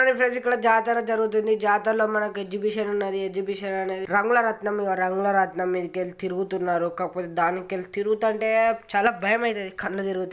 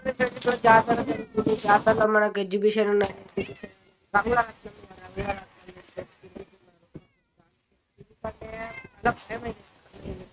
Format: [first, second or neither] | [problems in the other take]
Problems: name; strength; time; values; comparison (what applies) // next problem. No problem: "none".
first | noise reduction (neural mask model RNNoise)